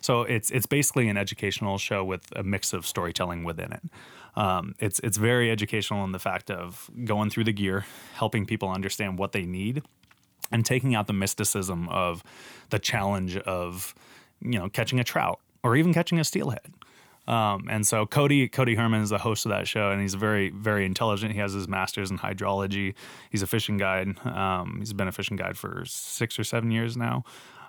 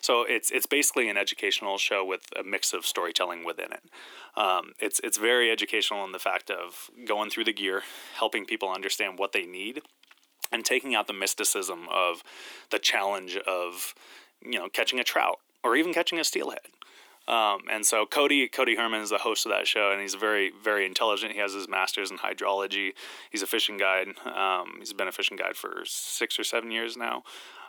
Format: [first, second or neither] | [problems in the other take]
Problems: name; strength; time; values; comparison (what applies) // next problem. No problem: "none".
first | thin; very; fading below 300 Hz